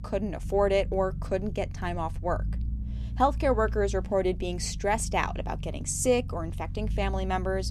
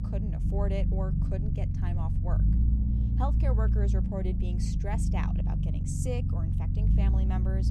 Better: first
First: low rumble; faint; throughout; 20 dB below the speech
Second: low rumble; loud; throughout; 2 dB below the speech

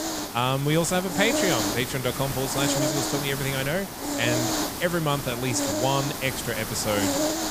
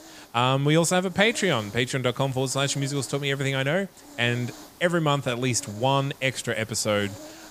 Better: second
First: hiss; loud; throughout; 1 dB below the speech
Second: hiss; faint; throughout; 20 dB below the speech

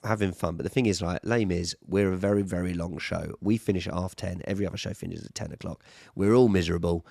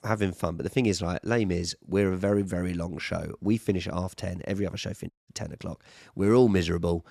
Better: first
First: none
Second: audio cutting out; at 5 s

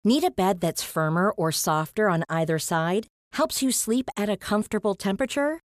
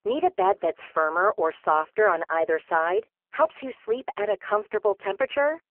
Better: first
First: none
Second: phone-call audio; poor line

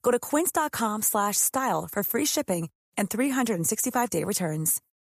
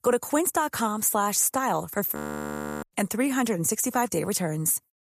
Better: first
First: none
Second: audio freezing; at 2 s for 0.5 s

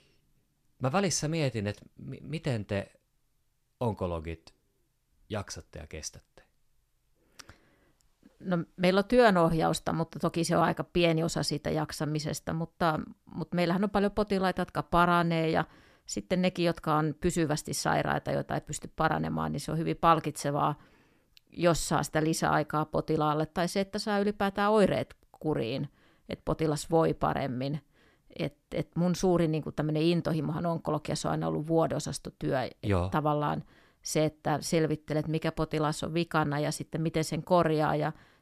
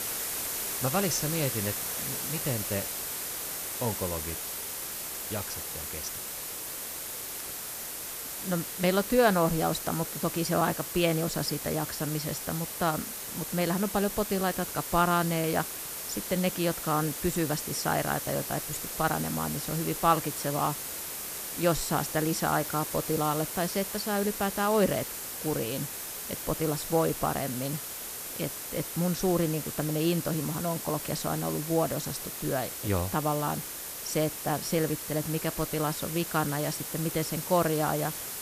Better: first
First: none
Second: hiss; loud; throughout; 4 dB below the speech

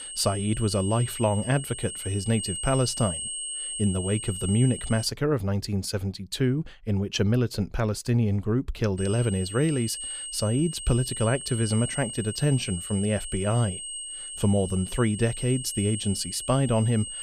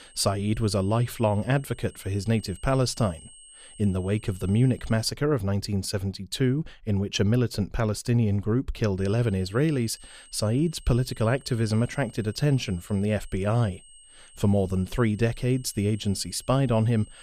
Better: second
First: high-pitched whine; loud; until 5 s and from 9 s on; 8.5 kHz, 7 dB below the speech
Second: high-pitched whine; faint; until 5 s and from 9 s on; 8.5 kHz, 25 dB below the speech

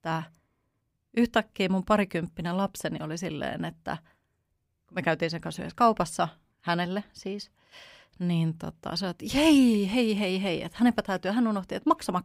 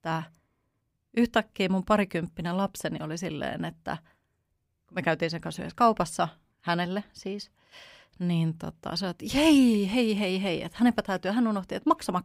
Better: neither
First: none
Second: none

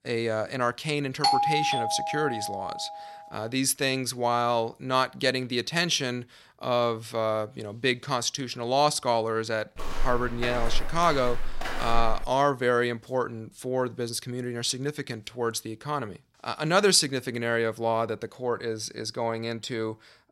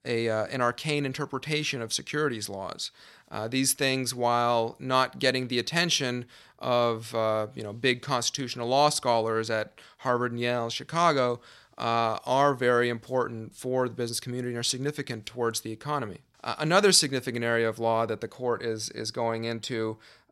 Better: second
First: doorbell; loud; from 1 to 3 s; peak 5 dB above the speech // footsteps; noticeable; from 10 to 12 s; peak 5 dB below the speech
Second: none

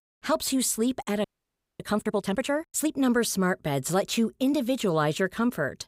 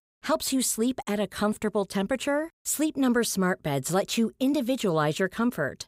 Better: second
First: audio freezing; at 1 s for 0.5 s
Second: none

